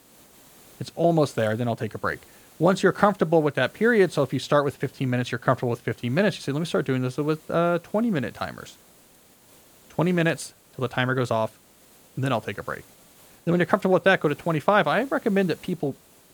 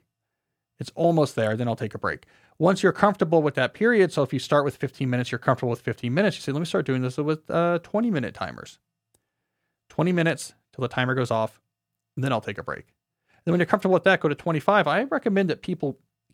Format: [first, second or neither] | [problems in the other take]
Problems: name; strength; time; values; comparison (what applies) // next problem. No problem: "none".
second | hiss; faint; throughout; 25 dB below the speech